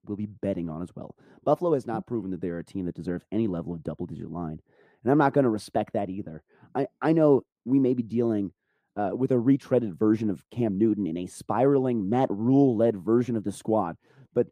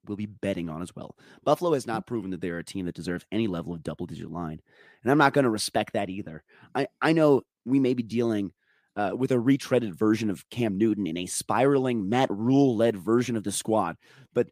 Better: second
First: muffled; slightly; fading above 1.5 kHz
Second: none

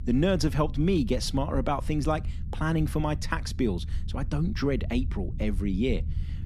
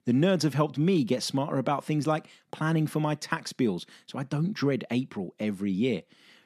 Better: second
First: low rumble; noticeable; throughout; 20 dB below the speech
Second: none

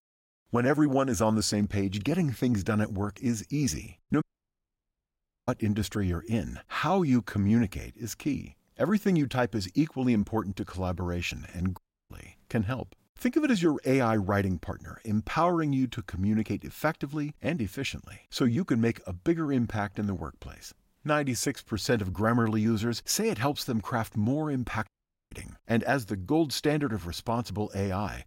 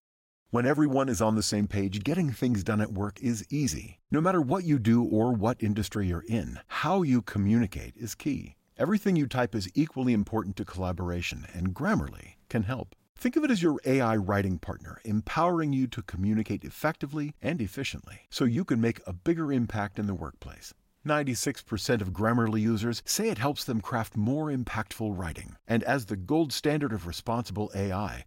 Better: second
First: audio cutting out; at 4 s for 1.5 s, at 12 s and at 25 s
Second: none

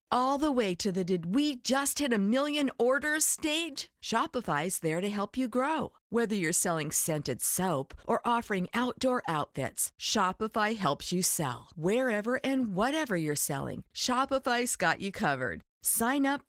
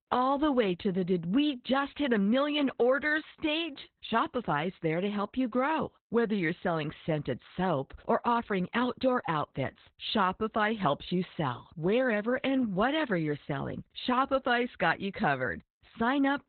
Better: first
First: garbled, watery; slightly; nothing above 16.5 kHz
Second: garbled, watery; badly; nothing above 4 kHz

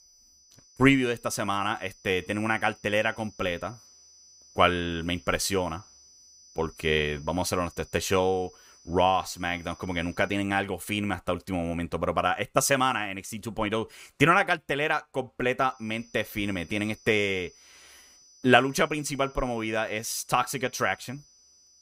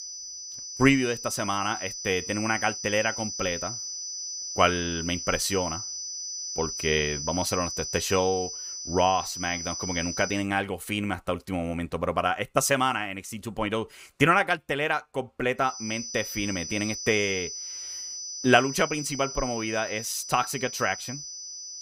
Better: first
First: high-pitched whine; faint; until 10 s and from 16 s on; 6 kHz, 25 dB below the speech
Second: high-pitched whine; loud; until 10 s and from 16 s on; 6 kHz, 6 dB below the speech

